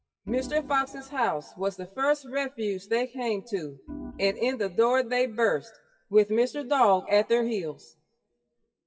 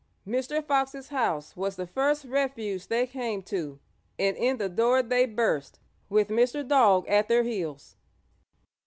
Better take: second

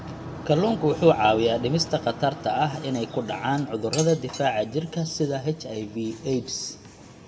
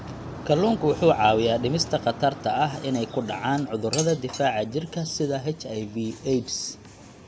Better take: second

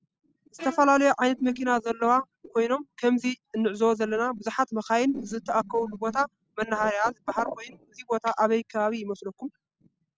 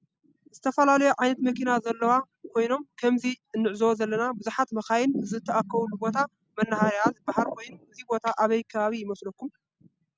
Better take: second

